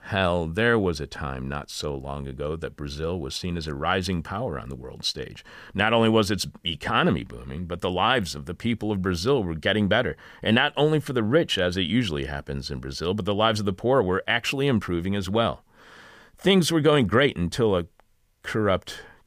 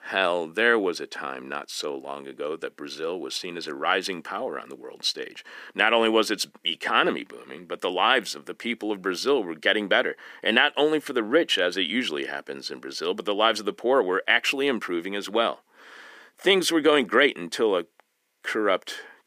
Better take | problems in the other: first | thin; somewhat; fading below 300 Hz

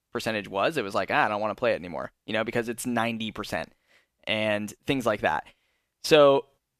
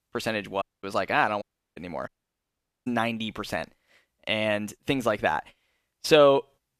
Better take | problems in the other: first | audio cutting out; at 0.5 s, at 1.5 s and at 2 s for 1 s

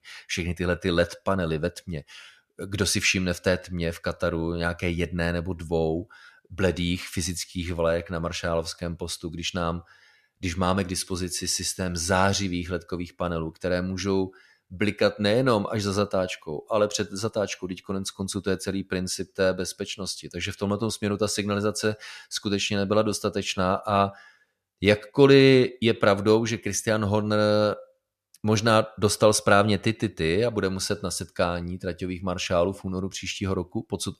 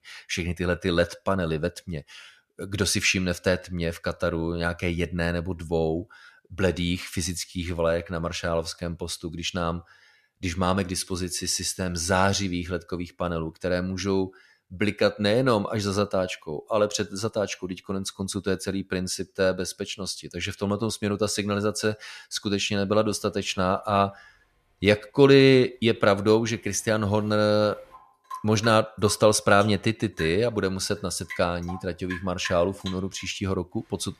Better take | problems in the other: first | rain or running water; noticeable; from 23 s on; 15 dB below the speech

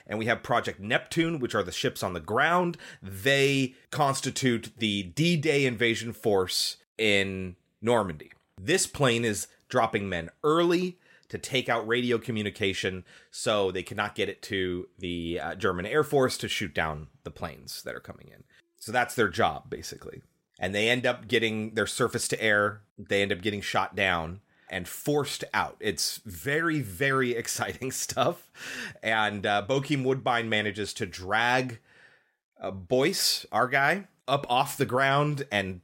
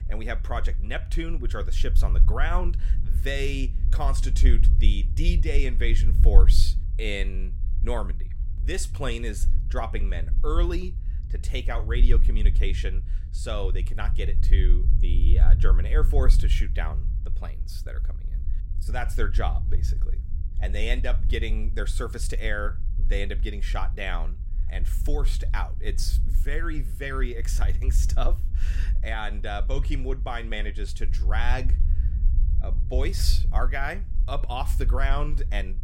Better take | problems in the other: first | low rumble; noticeable; throughout; 15 dB below the speech

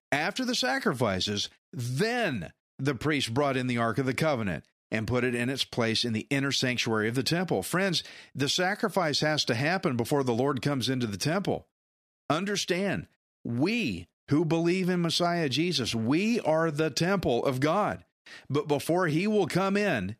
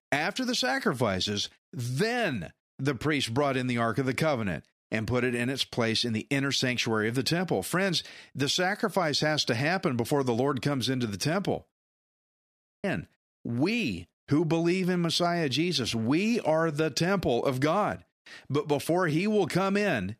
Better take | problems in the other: first | audio freezing; at 12 s for 0.5 s

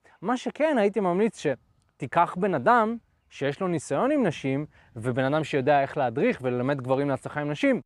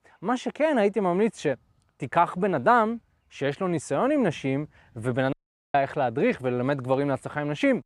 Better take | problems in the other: first | audio cutting out; at 5.5 s

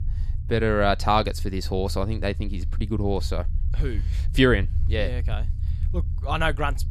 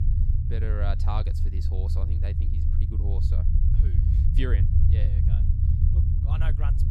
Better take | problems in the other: first | low rumble; loud; throughout; 1 dB below the speech; faint in the first

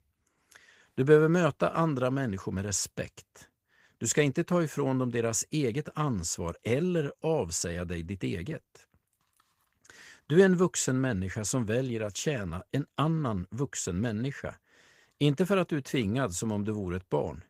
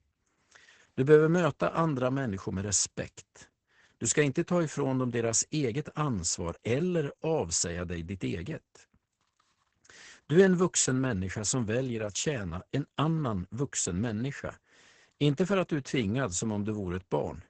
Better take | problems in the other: first | garbled, watery; badly; nothing above 8 kHz; slightly in the first

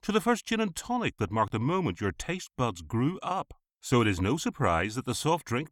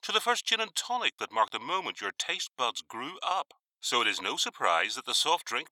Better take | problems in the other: first | thin; very; fading below 750 Hz

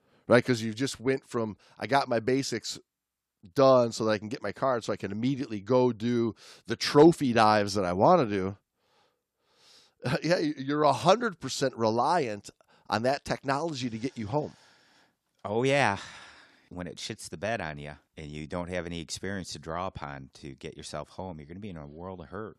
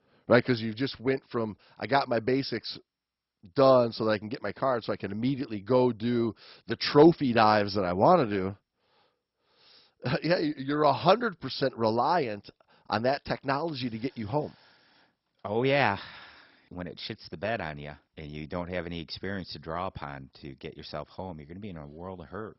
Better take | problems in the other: first | garbled, watery; badly; nothing above 5.5 kHz

